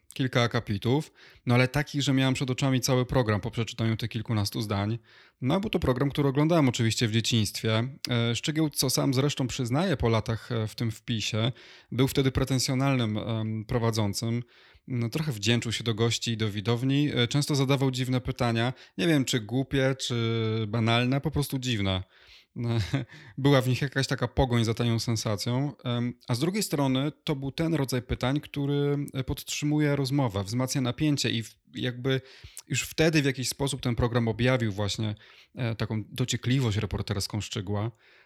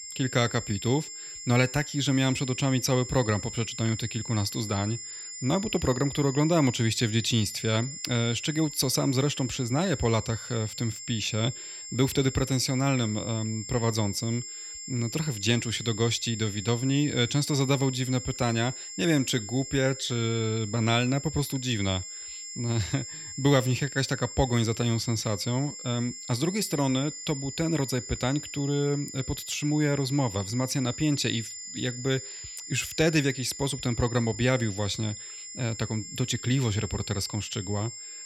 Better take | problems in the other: first | high-pitched whine; loud; throughout; 7.5 kHz, 9 dB below the speech

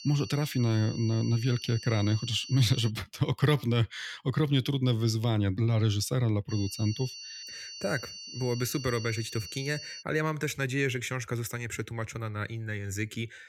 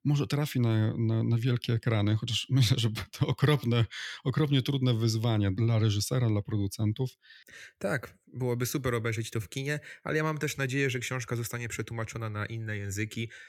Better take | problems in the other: second | high-pitched whine; noticeable; until 3 s and from 6.5 to 10 s; 4.5 kHz, 10 dB below the speech

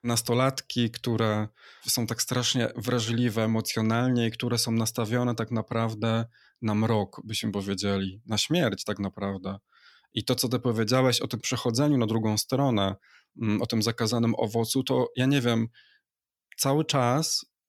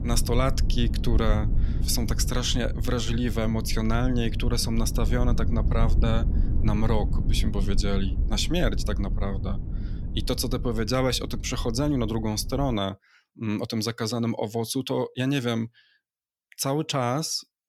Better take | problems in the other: first | low rumble; noticeable; until 13 s; 15 dB below the speech

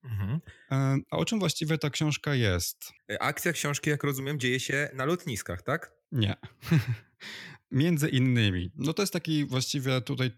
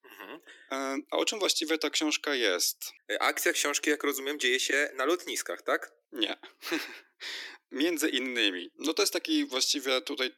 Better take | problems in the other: first | thin; somewhat; fading below 300 Hz

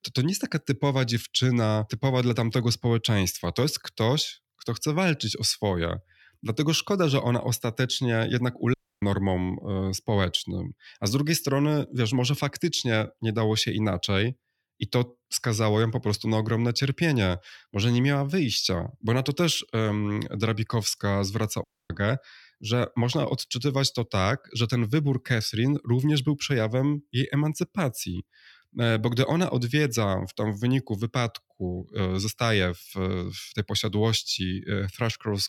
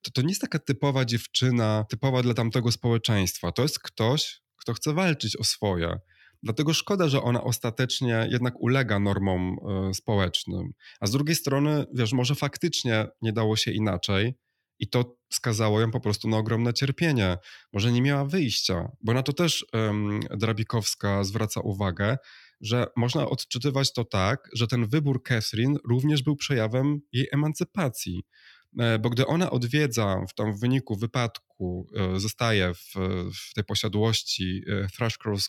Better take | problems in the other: second | audio cutting out; at 8.5 s and at 22 s

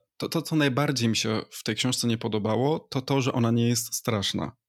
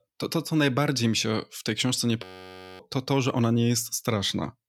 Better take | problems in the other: first | audio freezing; at 2 s for 0.5 s

